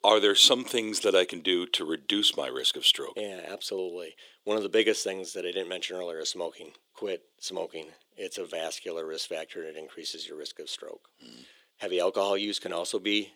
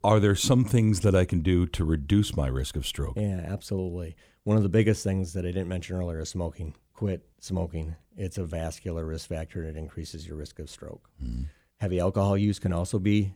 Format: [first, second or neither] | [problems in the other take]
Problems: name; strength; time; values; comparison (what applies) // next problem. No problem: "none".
second | thin; very; fading below 350 Hz